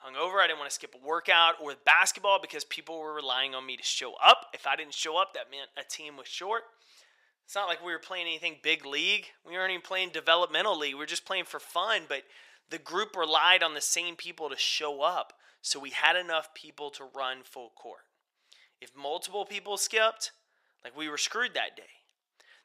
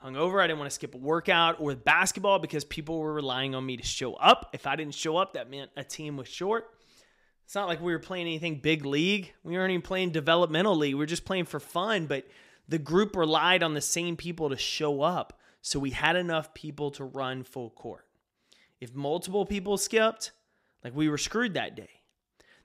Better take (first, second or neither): second